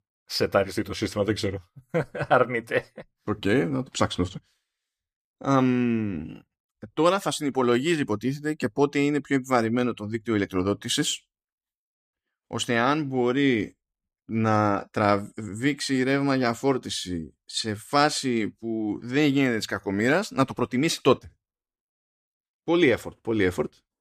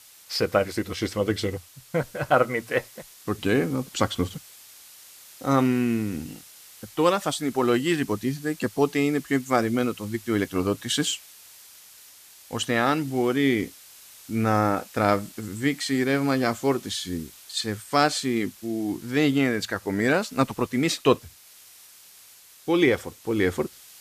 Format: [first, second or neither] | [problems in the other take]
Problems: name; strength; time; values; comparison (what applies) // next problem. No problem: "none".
first | hiss; faint; throughout; 20 dB below the speech